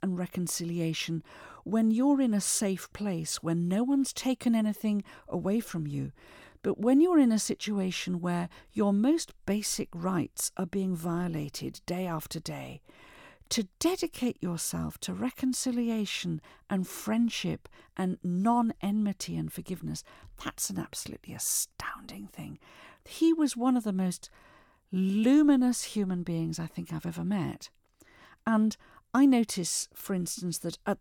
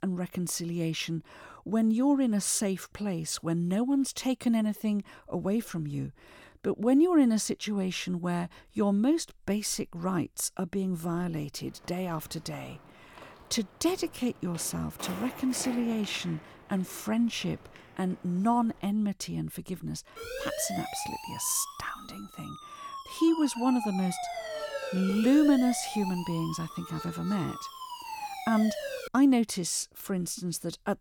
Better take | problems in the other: first | footsteps; faint; from 12 to 19 s; peak 10 dB below the speech // siren; noticeable; from 20 to 29 s; peak 6 dB below the speech

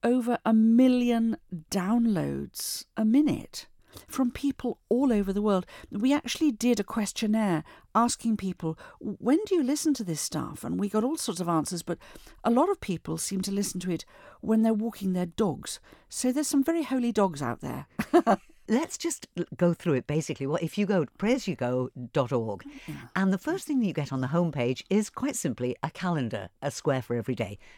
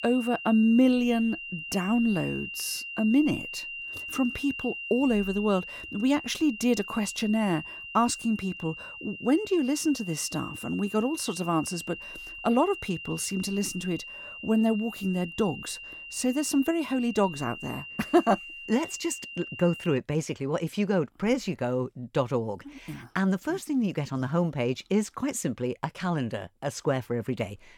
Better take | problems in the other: first | high-pitched whine; loud; until 20 s; 3 kHz, 10 dB below the speech

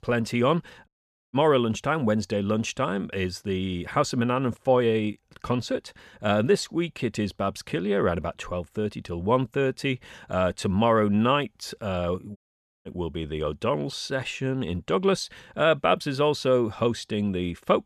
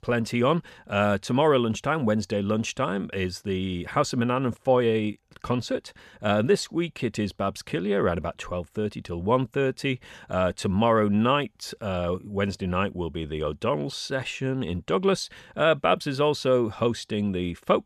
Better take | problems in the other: second | audio cutting out; at 1 s and at 12 s

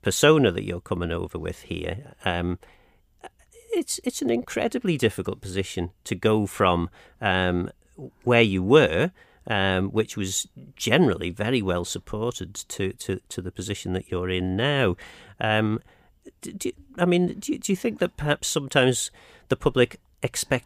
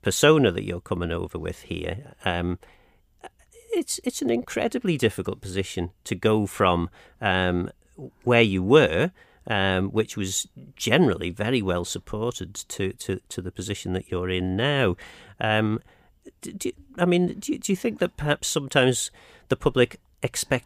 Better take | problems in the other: neither | none

